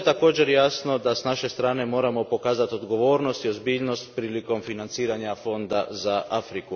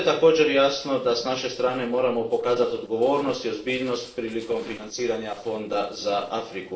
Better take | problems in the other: first | noise reduction (neural separator model SepFormer DNS4)

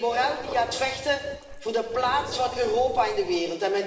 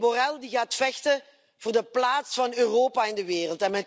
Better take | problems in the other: second | background sound (Dog); 13 dB below the speech // room echo; dies away in 1.2 s

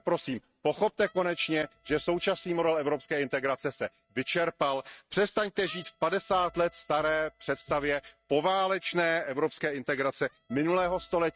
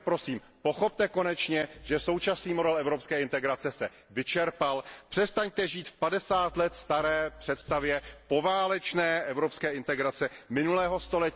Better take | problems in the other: second | noise reduction (neural mask model RNNoise)

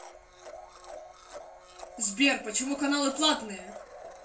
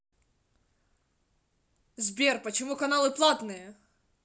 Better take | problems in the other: second | background sound (Domestic sounds, home sounds); 14 dB below the speech // room echo; dies away in 0.2 s

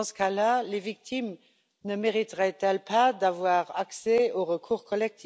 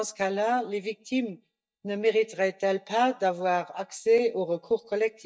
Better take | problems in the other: first | noise reduction (neural mask model DeepFilterNet 3)

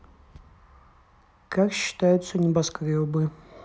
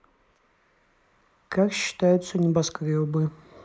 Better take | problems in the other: first | noise reduction (neural mask model Resemble Enhance denoiser)

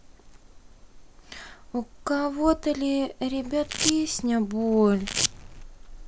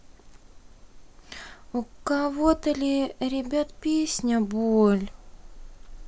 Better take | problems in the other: second | background sound (Domestic sounds, home sounds); 5 dB below the speech

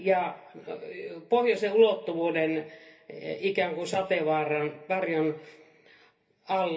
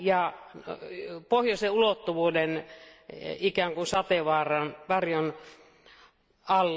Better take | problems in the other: second | room echo; dies away in 0.3 s

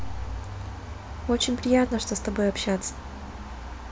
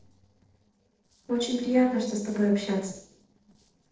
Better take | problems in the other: first | noise reduction (neural separator model SepFormer DNS4)

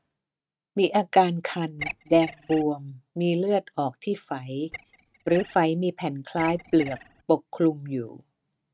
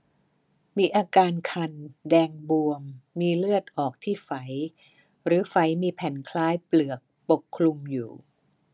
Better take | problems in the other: second | noise reduction (neural mask model RNNoise)

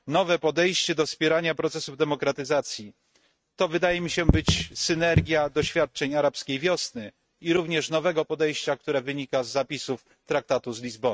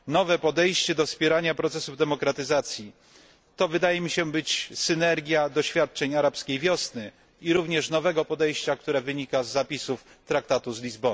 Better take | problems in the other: second | noise reduction (neural mask model RNNoise)

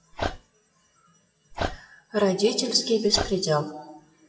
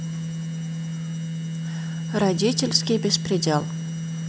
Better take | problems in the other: second | noise reduction (classical method WPE with log-MMSE)

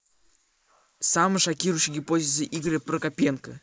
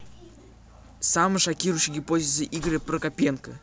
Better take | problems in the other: second | noise reduction (neural mask model Resemble Enhance denoiser)

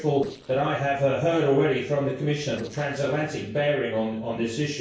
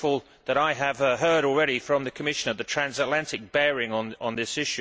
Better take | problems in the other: second | noise reduction (neural separator model SepFormer DNS4)

